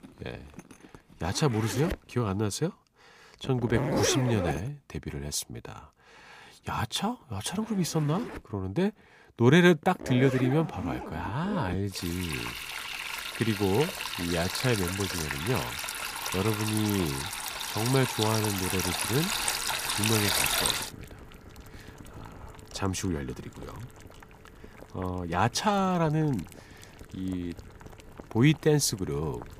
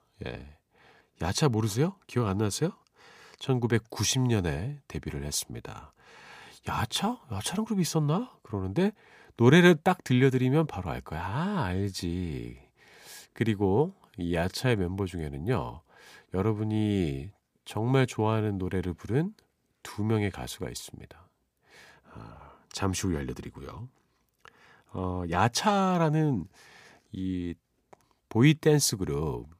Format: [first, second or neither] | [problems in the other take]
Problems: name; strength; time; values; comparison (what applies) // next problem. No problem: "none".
second | household noises; loud; throughout; 3 dB below the speech